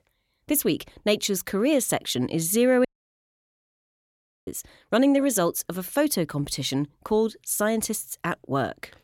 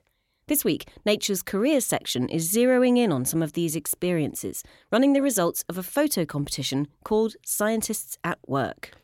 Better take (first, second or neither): second